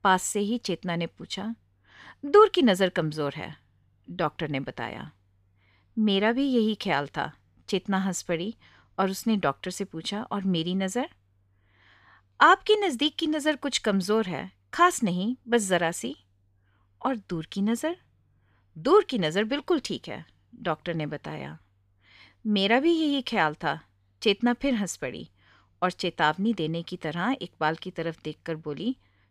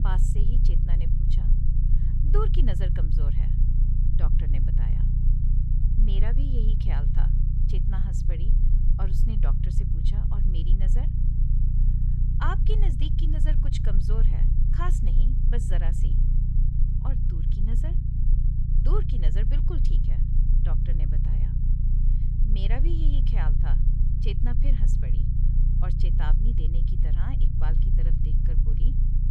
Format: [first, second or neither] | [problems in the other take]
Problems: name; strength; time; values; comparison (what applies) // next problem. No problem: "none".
first | low rumble; loud; throughout; 1 dB below the speech